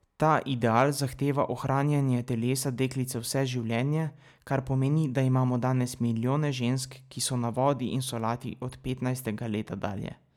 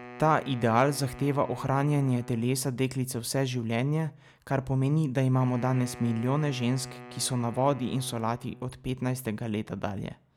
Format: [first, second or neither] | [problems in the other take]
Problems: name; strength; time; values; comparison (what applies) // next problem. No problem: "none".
first | background sound (Wind instrument, woodwind instrument); 19 dB below the speech